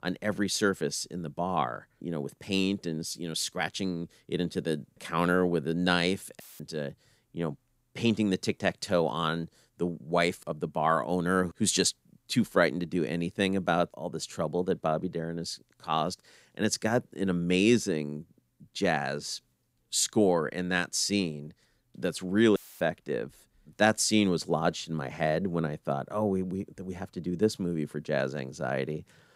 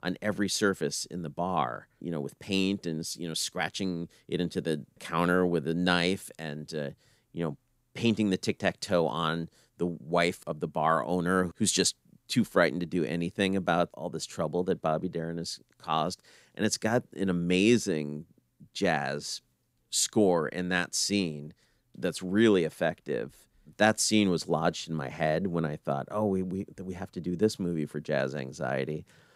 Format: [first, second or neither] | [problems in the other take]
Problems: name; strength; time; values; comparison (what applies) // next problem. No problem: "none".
second | audio cutting out; filled with static; at 6.5 s and at 23 s